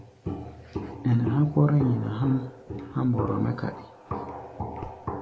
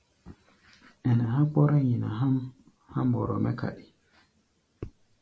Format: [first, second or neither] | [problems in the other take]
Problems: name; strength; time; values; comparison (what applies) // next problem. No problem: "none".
second | background sound (Walk, footsteps); 9 dB below the speech